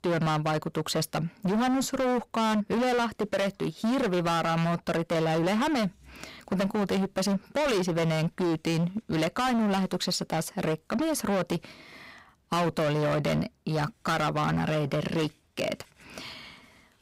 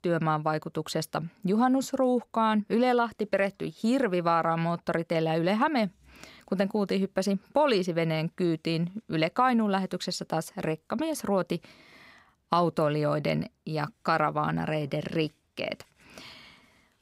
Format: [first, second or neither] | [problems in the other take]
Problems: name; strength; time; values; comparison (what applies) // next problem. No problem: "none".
second | distortion; heavy; 24% of the sound clipped